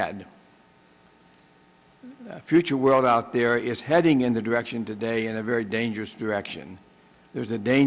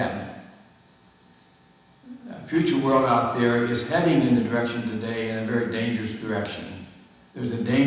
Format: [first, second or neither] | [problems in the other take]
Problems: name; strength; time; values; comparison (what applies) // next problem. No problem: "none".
first | room echo; dies away in 1.1 s